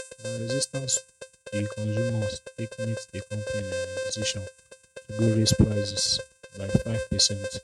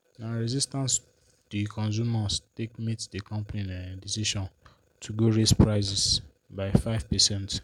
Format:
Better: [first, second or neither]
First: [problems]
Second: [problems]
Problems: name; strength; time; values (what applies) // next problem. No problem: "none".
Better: second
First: noise reduction (neural mask model RNNoise)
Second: none